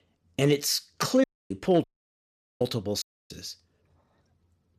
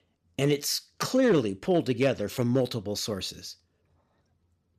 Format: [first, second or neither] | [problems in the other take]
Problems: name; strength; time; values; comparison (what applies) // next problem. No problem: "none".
second | audio cutting out; at 1 s, at 2 s for 1 s and at 3 s